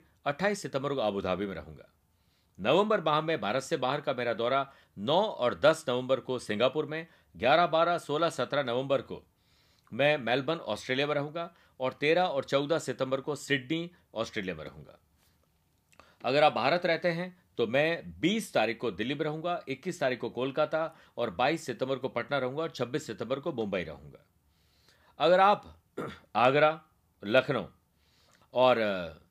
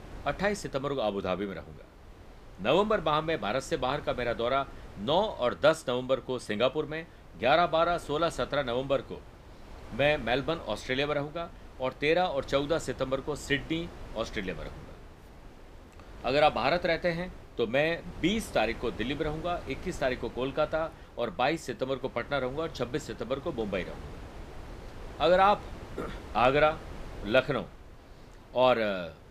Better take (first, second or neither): first